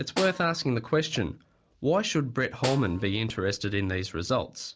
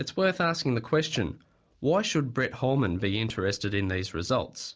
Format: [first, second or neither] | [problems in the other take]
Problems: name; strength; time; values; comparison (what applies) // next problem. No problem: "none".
second | background sound (Snare drum); 13 dB below the speech